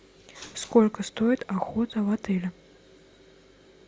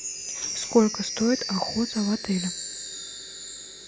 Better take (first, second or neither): first